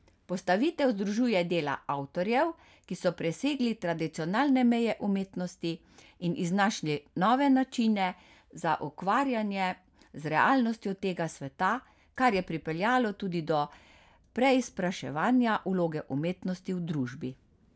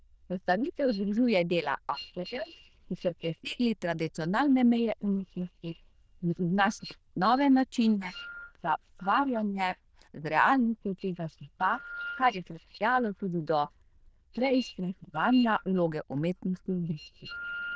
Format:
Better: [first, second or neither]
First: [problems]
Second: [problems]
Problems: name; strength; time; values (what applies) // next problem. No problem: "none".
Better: first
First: none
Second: noise reduction (neural diffusion model UNIVERSE++)